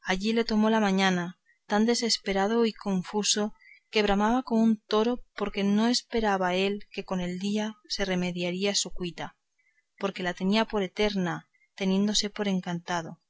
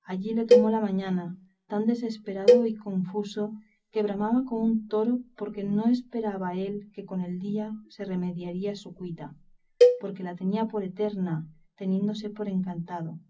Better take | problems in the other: first | background sound (Cowbell); 3 dB above the speech // room echo; dies away in 0.4 s

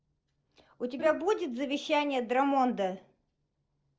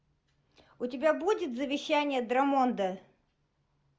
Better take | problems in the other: second | noise reduction (neural separator model SepFormer DNS4)

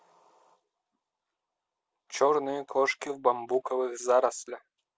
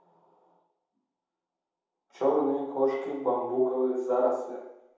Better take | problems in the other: first | room echo; dies away in 0.8 s

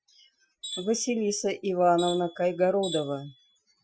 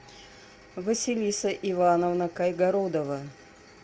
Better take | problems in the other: second | noise reduction (classical method Wiener filter)

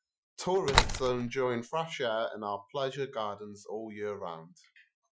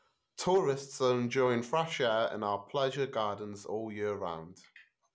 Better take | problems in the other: second | noise reduction (classical method Wiener filter)

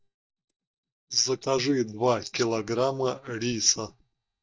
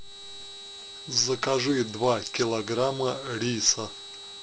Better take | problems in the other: second | noise reduction (neural mask model DeepFilterNet 3)

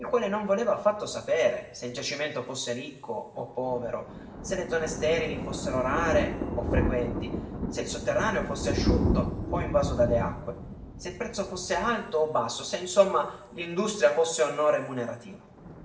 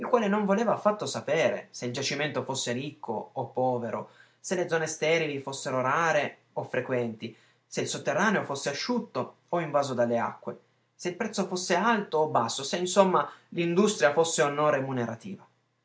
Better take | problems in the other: second | background sound (Thunder); 5 dB below the speech // room echo; dies away in 1 s

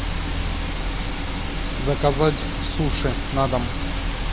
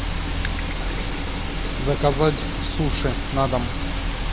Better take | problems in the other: first | background sound (Gurgling); 17 dB below the speech

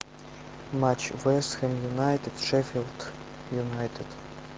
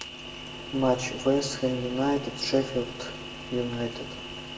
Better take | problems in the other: first | background sound (Cricket); 13 dB below the speech // room echo; dies away in 0.7 s

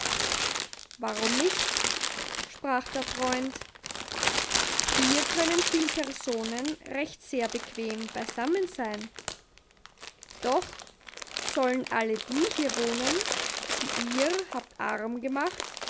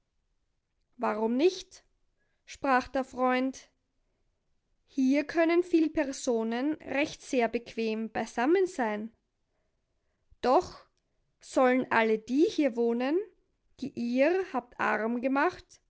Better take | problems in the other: second | background sound (Crumpling, crinkling); 1 dB below the speech

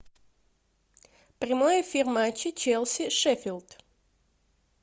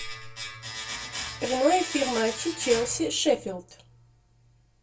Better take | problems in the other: first | background sound (Domestic sounds, home sounds); 9 dB below the speech // room echo; dies away in 0.2 s

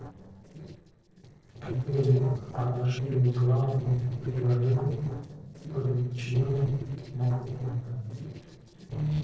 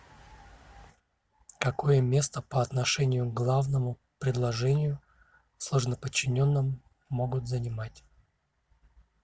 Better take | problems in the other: second | noise reduction (neural separator model SepFormer DNS4)

